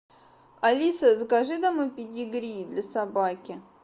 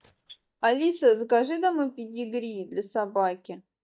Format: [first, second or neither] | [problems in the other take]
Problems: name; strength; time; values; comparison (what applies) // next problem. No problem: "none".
first | noise reduction (neural mask model DeepFilterNet 3)